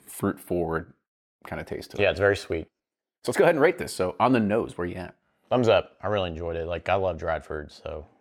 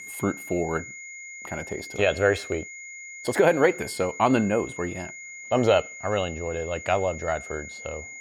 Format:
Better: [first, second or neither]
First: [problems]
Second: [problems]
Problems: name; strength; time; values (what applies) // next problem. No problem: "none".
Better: first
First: none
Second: high-pitched whine; noticeable; throughout; 2 kHz, 15 dB below the speech